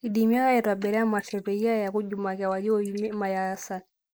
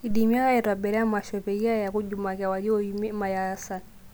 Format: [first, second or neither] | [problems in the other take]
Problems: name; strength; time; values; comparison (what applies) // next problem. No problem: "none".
second | noise reduction (neural mask model Resemble Enhance denoiser)